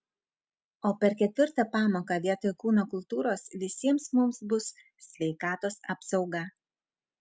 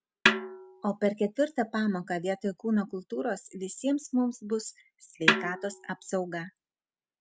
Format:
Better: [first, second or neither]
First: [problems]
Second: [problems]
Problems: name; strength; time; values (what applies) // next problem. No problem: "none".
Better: first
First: none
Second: background sound (Snare drum); as loud as the speech